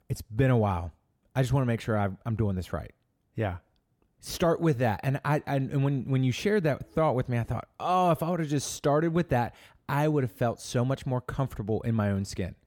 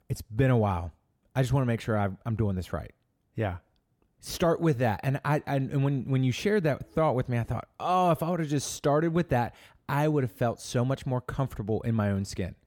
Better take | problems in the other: neither | none

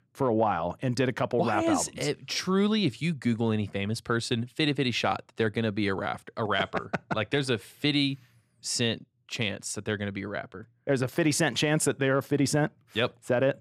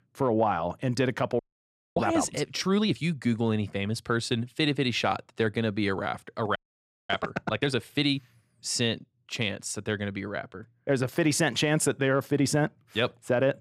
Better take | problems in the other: first | audio freezing; at 1.5 s for 0.5 s and at 6.5 s for 0.5 s

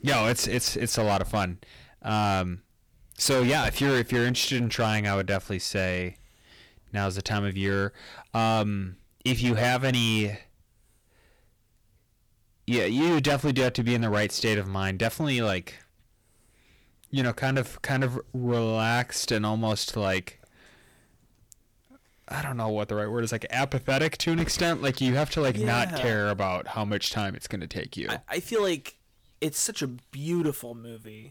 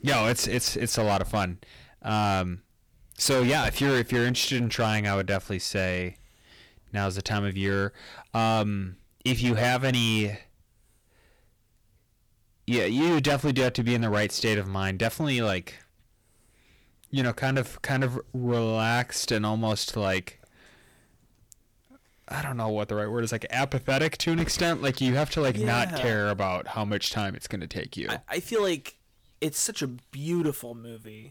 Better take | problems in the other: neither | distortion; heavy; 9% of the sound clipped; the same in both

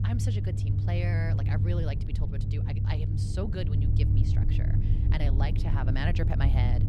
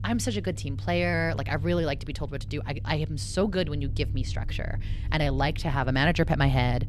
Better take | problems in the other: second | low rumble; loud; throughout; 2 dB below the speech; faint in the second

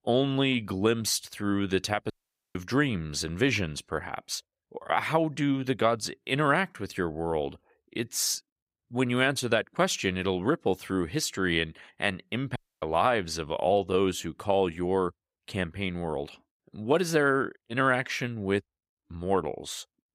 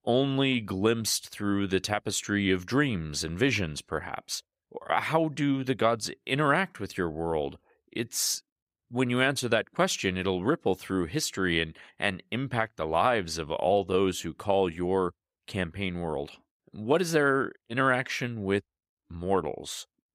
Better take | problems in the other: second | audio cutting out; at 2 s and at 13 s

